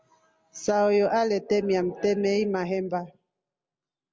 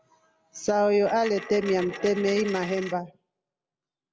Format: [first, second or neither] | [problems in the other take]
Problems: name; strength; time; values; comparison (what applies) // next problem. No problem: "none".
first | background sound (Coin (dropping)); 14 dB below the speech